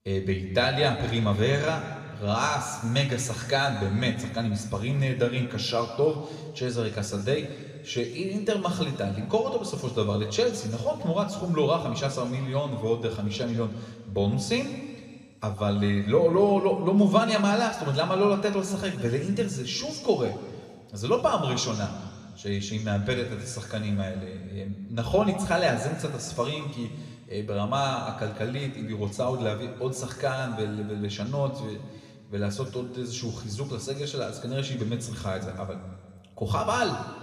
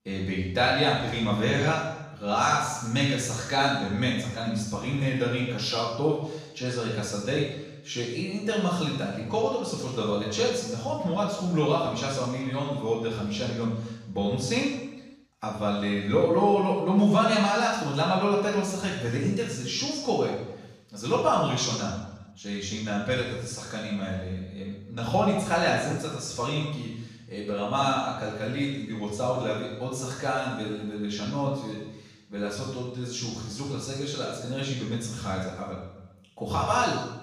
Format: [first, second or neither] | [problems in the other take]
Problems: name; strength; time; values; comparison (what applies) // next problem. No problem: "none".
first | room echo; strong; dies away in 0.9 s; slight in the first // off-mic speech; far